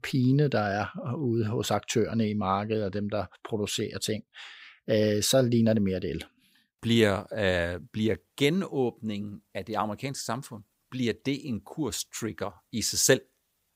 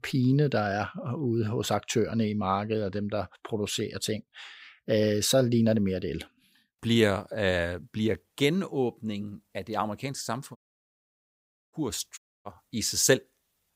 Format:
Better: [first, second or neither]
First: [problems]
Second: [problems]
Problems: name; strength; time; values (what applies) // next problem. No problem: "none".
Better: first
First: none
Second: audio cutting out; at 11 s for 1 s and at 12 s